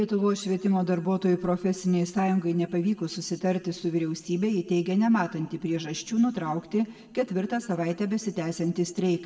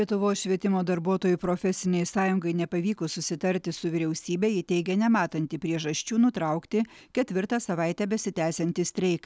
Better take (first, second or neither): second